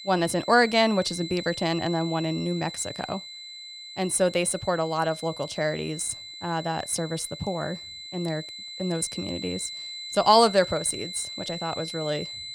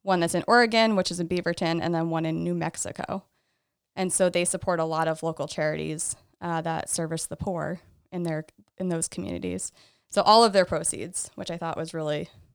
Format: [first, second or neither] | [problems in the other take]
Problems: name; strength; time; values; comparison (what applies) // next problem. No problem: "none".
second | high-pitched whine; noticeable; throughout; 4 kHz, 10 dB below the speech